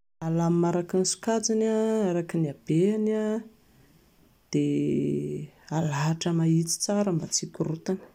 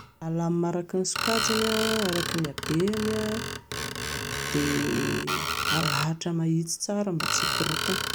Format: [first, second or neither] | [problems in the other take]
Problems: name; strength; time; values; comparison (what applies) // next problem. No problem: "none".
first | background sound (Screech); 2 dB below the speech